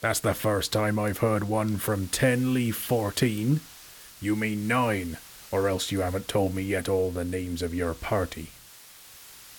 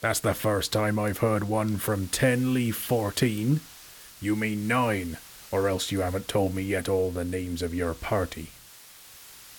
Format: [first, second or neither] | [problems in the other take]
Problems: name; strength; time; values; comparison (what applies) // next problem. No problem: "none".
neither | hiss; noticeable; throughout; 20 dB below the speech; the same in both